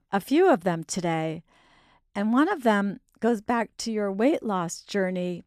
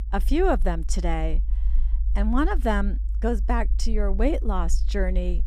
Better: first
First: none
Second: low rumble; faint; throughout; 20 dB below the speech

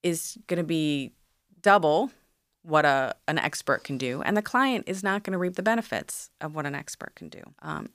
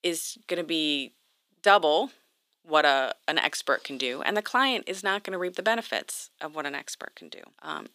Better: first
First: none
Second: thin; very slightly; fading below 300 Hz

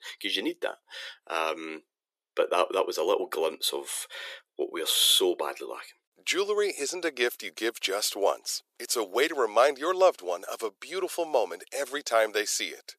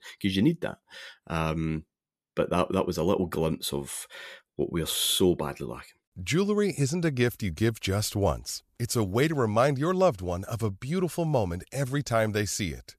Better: second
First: thin; very; fading below 400 Hz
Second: none

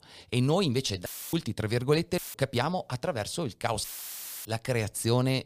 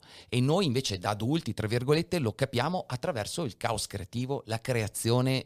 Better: second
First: audio cutting out; filled with static; at 1 s, at 2 s and at 4 s for 0.5 s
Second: none

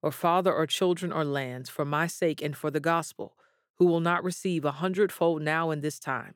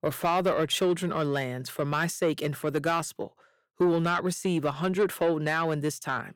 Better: first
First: none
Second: distortion; slight; 10 dB below the speech

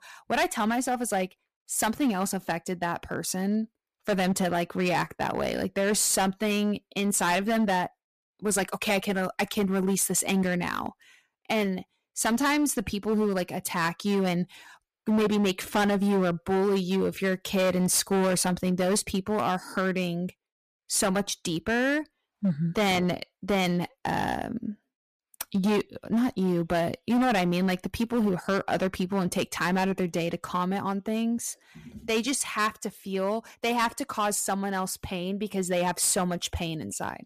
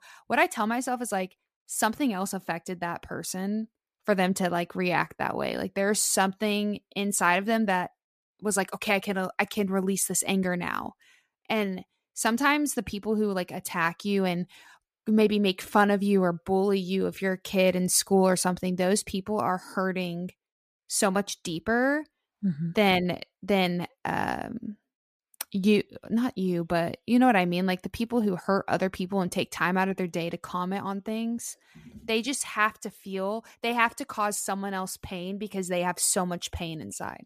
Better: second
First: distortion; heavy; 10% of the sound clipped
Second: none

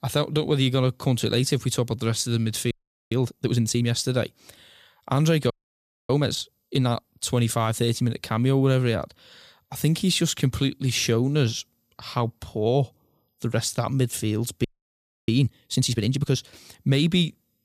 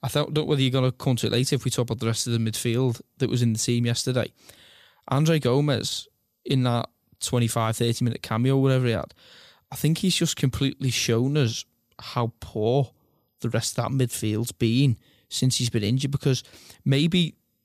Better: second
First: audio freezing; at 2.5 s, at 5.5 s for 0.5 s and at 15 s for 0.5 s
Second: none

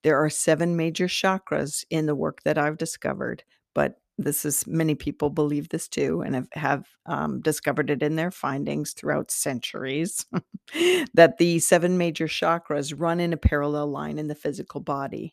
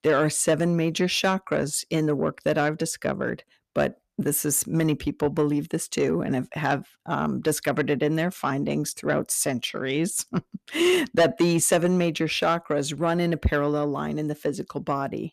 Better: first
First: none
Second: distortion; slight; 10 dB below the speech

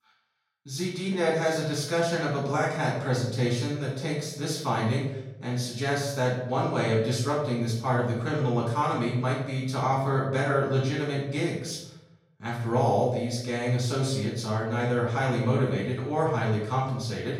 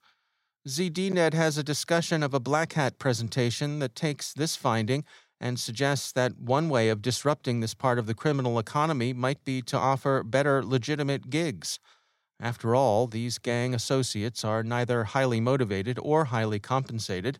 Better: second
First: off-mic speech; far // room echo; noticeable; dies away in 0.7 s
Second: none

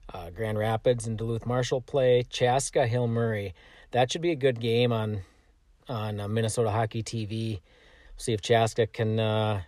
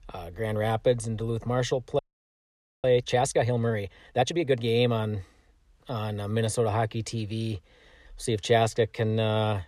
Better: first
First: none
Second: audio freezing; at 2 s for 1 s

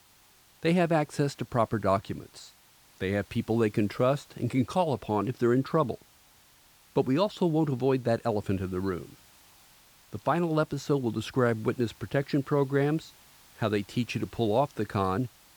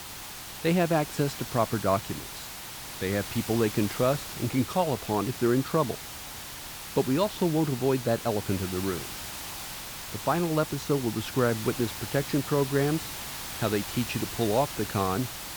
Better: first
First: hiss; faint; throughout; 25 dB below the speech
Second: hiss; loud; throughout; 8 dB below the speech

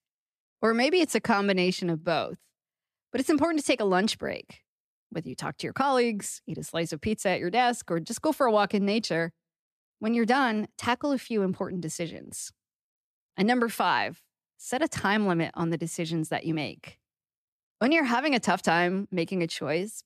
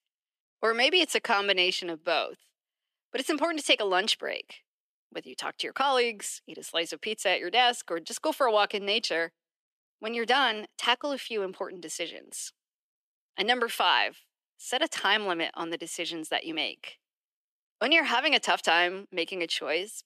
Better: first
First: none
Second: thin; somewhat; fading below 350 Hz

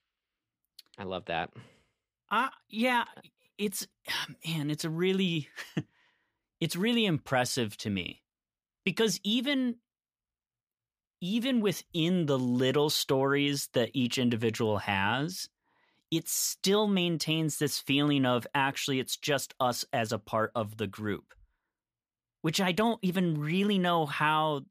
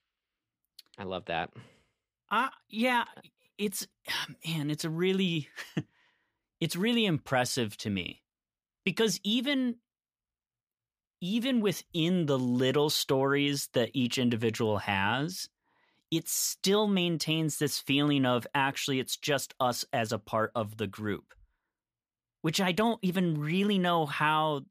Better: neither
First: none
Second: none

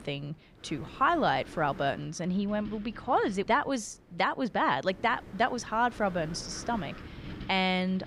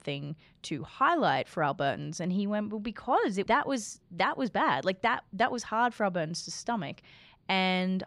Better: second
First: wind noise on the microphone; occasional gusts; 20 dB below the speech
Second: none

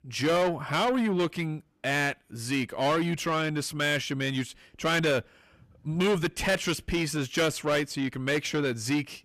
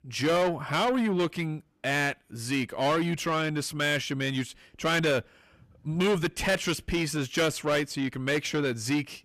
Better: neither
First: distortion; heavy; 7 dB below the speech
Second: distortion; heavy; 7 dB below the speech

